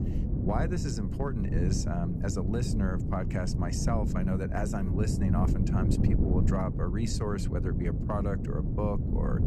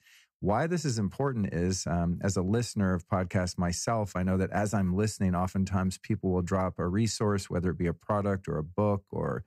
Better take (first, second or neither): second